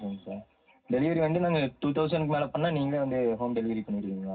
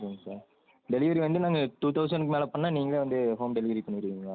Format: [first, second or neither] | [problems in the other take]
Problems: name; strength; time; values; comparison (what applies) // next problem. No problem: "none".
second | room echo; dies away in 0.4 s